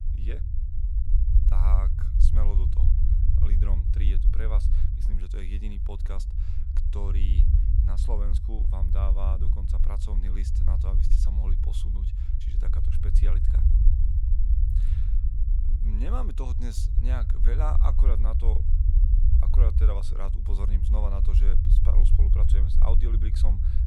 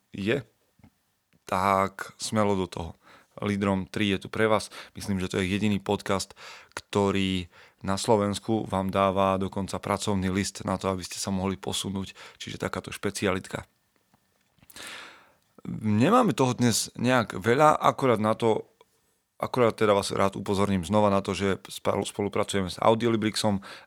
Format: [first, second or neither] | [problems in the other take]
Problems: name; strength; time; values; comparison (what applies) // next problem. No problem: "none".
second | low rumble; loud; throughout; 3 dB below the speech